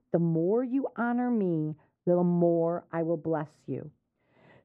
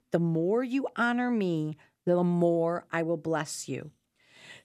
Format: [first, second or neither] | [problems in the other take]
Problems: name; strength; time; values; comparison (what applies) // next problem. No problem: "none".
second | muffled; very; fading above 2.5 kHz